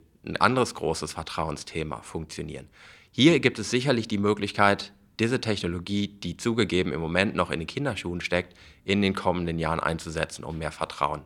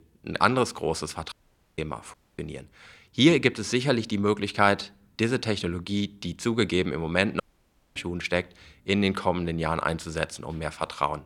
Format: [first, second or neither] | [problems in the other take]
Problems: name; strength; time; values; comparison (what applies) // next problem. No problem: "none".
first | audio cutting out; at 1.5 s, at 2 s and at 7.5 s for 0.5 s